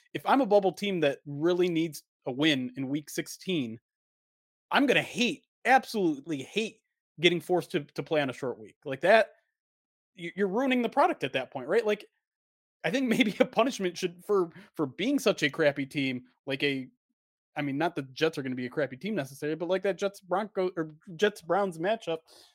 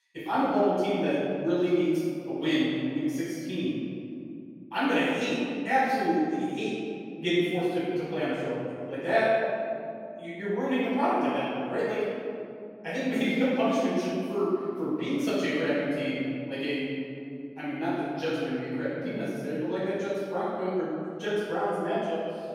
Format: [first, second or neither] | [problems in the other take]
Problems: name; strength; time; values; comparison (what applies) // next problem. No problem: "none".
first | room echo; strong; dies away in 2.6 s // off-mic speech; far